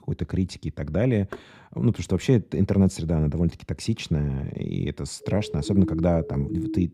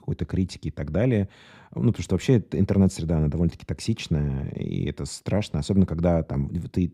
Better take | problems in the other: second | door banging; faint; at 1.5 s; peak 15 dB below the speech // siren; noticeable; from 5 s on; peak 5 dB below the speech

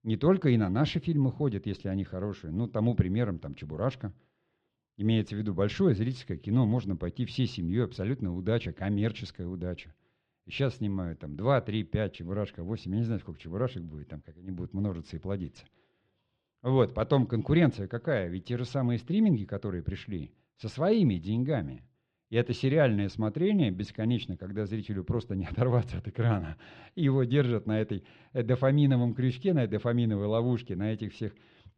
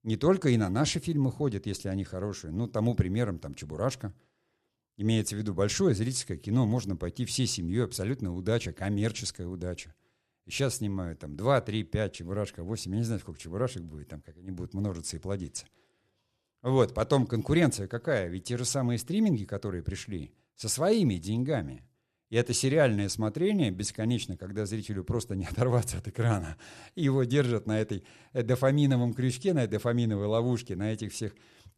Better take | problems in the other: second | muffled; slightly; fading above 3.5 kHz

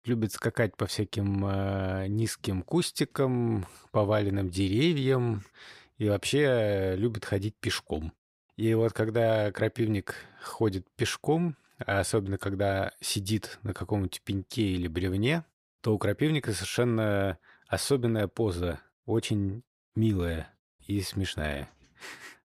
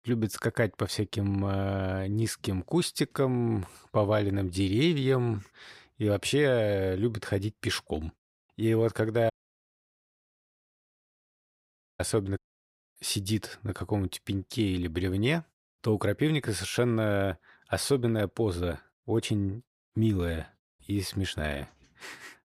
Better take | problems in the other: first | audio cutting out; at 9.5 s for 2.5 s and at 12 s for 0.5 s

